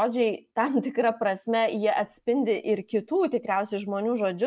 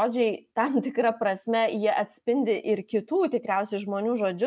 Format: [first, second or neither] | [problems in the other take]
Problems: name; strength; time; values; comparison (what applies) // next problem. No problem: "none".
second | noise reduction (neural mask model Resemble Enhance denoiser)